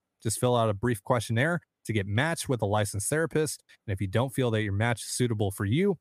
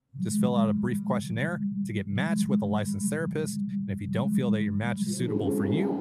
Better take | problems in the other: first | alarms or sirens; very loud; throughout; 3 dB above the speech

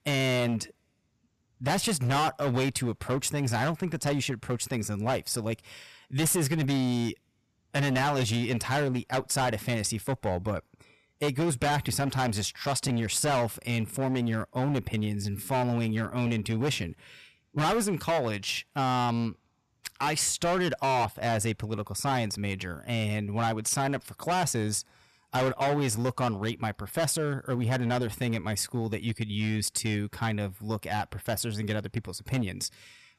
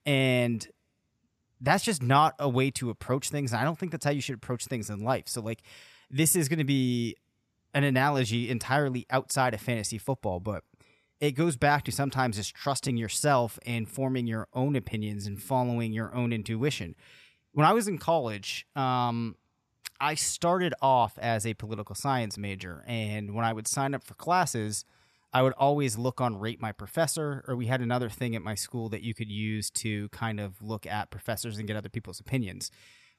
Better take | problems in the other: second | distortion; heavy; 13% of the sound clipped

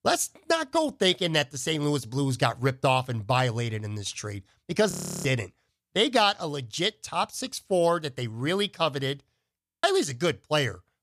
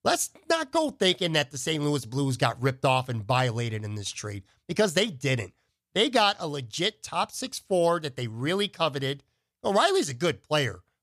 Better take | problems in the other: second | audio freezing; at 5 s and at 9.5 s

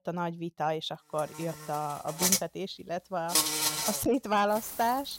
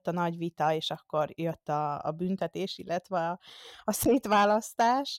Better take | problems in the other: second | animal sounds; very loud; from 2 s on; 4 dB above the speech

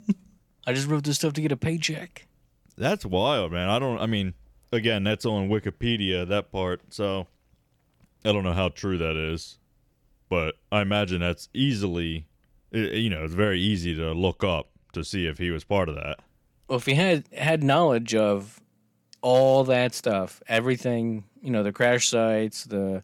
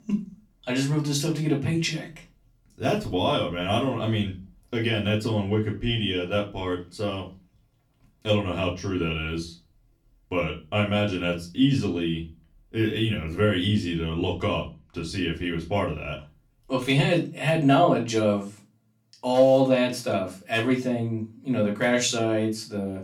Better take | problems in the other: first | off-mic speech; far // room echo; very slight; dies away in 0.3 s

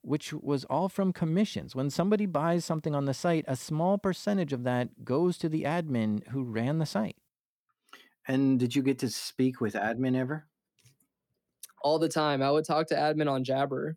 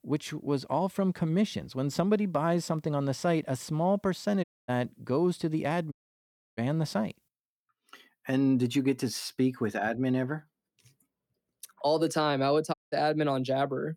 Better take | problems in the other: first | audio cutting out; at 4.5 s, at 6 s for 0.5 s and at 13 s

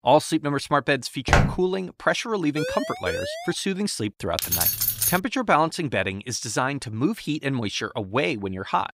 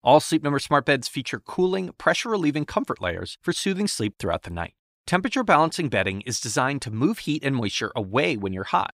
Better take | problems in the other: second | footsteps; loud; at 1.5 s; peak 5 dB above the speech // siren; noticeable; at 2.5 s; peak 4 dB below the speech // jangling keys; loud; at 4.5 s; peak 5 dB above the speech

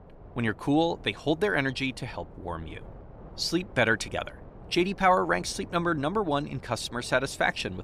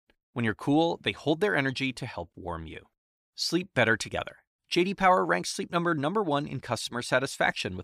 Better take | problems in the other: second | wind noise on the microphone; occasional gusts; 25 dB below the speech

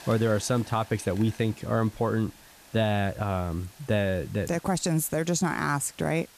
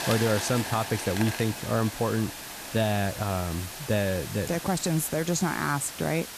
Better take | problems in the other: first | hiss; loud; throughout; 7 dB below the speech; faint in the first

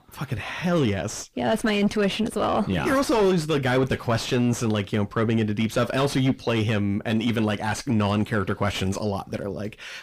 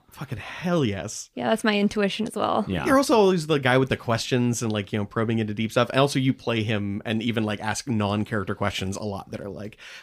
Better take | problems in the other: second | distortion; heavy; 7 dB below the speech

